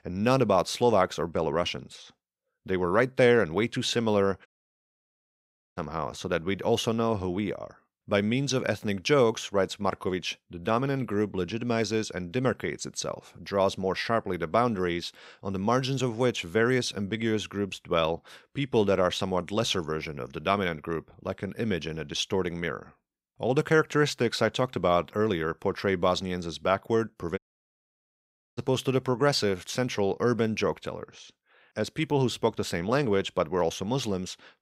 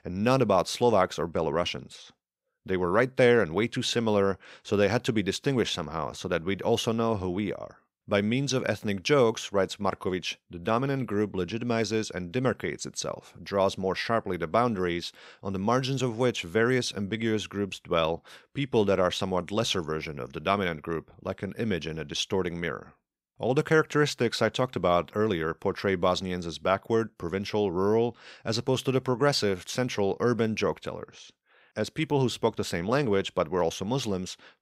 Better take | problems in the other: second | audio cutting out; at 4.5 s for 1.5 s and at 27 s for 1 s

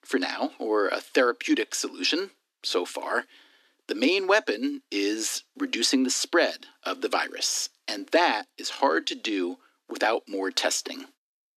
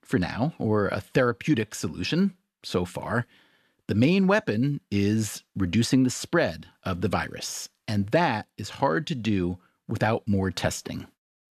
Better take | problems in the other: second | thin; somewhat; fading below 250 Hz

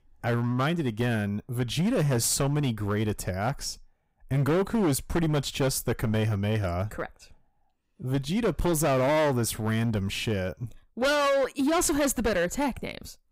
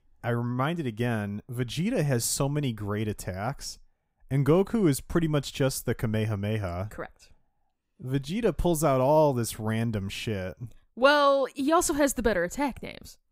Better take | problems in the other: second | distortion; heavy; 14% of the sound clipped

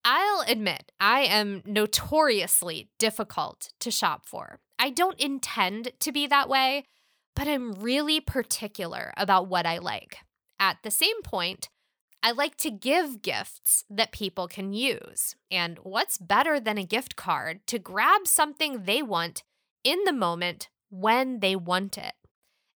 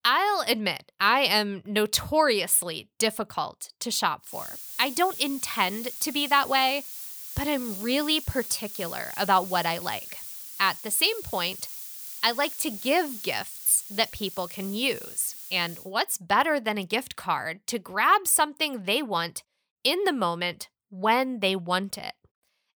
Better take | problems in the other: first | hiss; noticeable; from 4.5 to 16 s; 10 dB below the speech

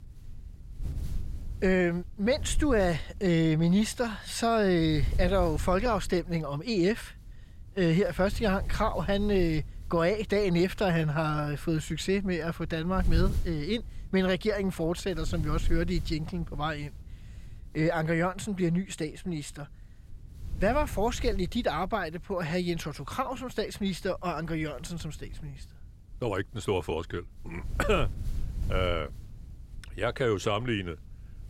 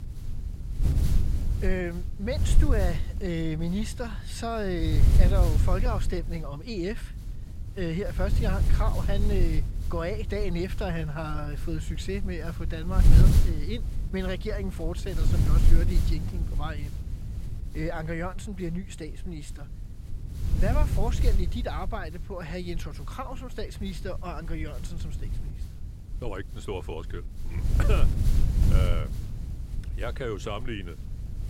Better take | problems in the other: first | wind noise on the microphone; heavy; 8 dB below the speech; occasional gusts in the first

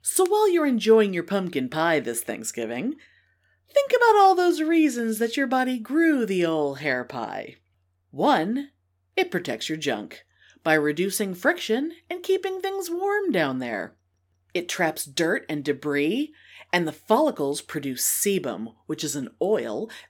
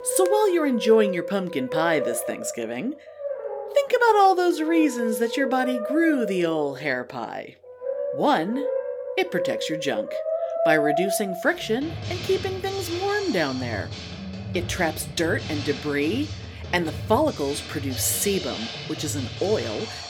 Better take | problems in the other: first | background music; loud; throughout; 6 dB below the speech

